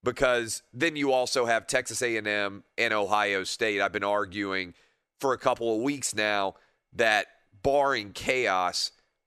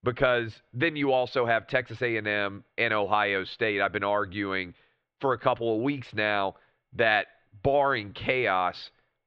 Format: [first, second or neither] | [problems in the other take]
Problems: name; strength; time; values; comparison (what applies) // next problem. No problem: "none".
first | muffled; slightly; fading above 3.5 kHz